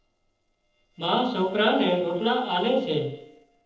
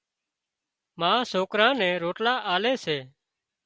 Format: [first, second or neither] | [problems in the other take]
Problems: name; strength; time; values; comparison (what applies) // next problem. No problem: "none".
second | noise reduction (neural separator model SepFormer DNS4)